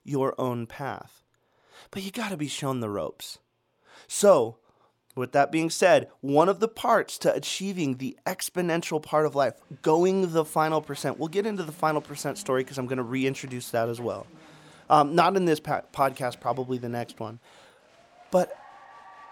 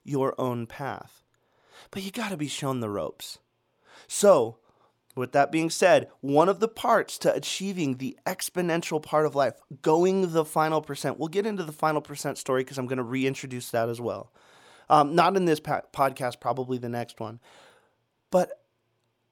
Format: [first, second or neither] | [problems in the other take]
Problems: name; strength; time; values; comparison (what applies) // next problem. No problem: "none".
second | crowd noise; faint; from 9.5 s on; 25 dB below the speech